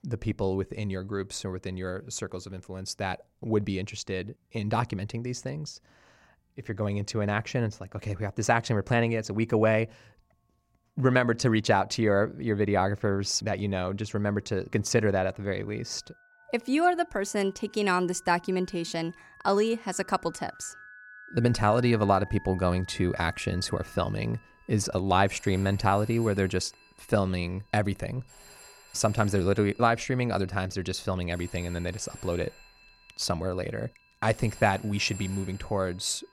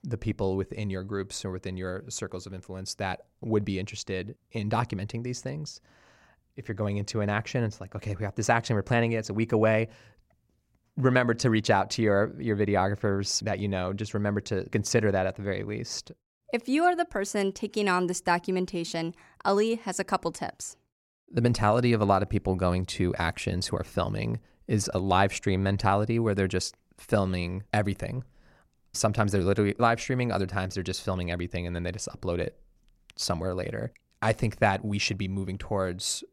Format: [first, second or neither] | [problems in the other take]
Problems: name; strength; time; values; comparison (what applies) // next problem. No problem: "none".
second | alarms or sirens; faint; throughout; 20 dB below the speech